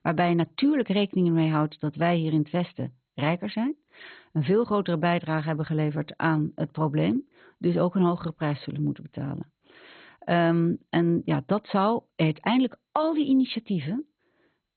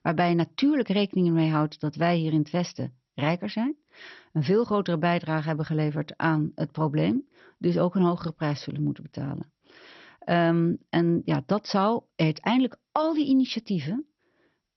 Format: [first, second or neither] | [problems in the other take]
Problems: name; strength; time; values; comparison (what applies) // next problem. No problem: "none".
second | garbled, watery; badly; nothing above 4 kHz; slightly in the second